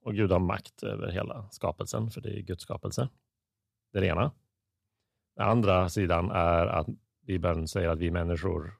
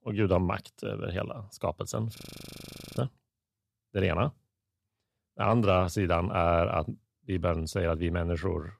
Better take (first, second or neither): first